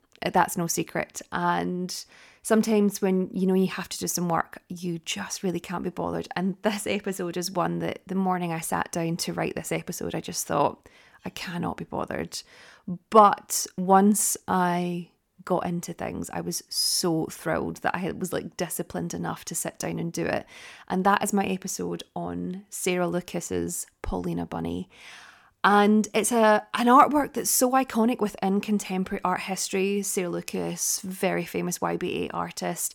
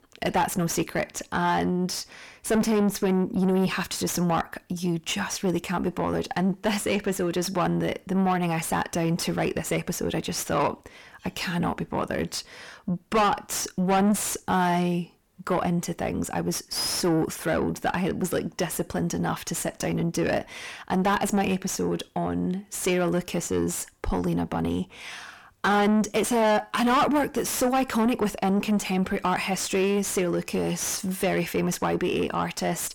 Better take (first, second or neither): first